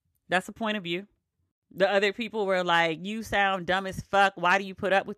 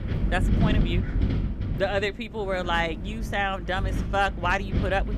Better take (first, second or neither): first